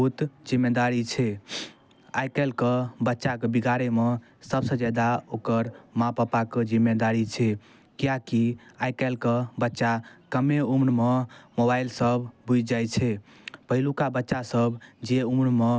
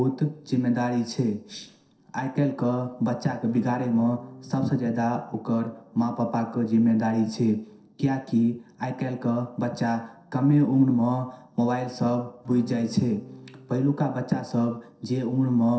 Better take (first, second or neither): first